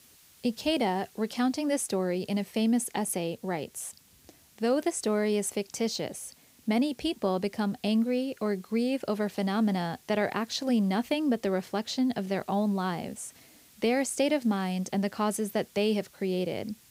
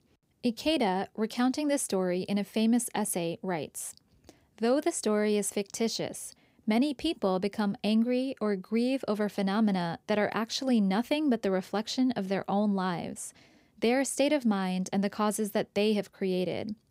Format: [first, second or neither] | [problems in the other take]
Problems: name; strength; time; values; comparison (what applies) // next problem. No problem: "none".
second | hiss; faint; throughout; 25 dB below the speech